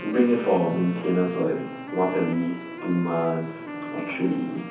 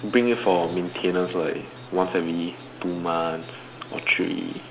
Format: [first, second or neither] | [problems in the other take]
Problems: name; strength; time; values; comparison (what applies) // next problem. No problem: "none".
second | background sound (Wind instrument, woodwind instrument); 11 dB below the speech // room echo; dies away in 0.6 s